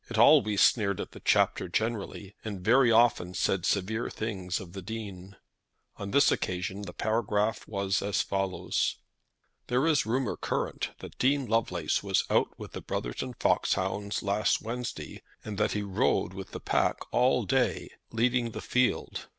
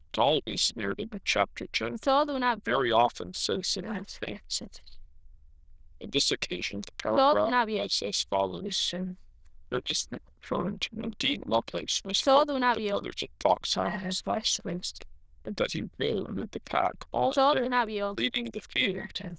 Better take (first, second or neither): first